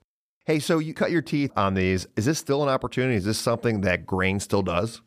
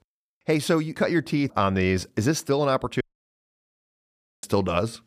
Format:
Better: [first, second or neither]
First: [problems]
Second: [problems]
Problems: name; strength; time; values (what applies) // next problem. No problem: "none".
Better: first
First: none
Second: audio cutting out; at 3 s for 1.5 s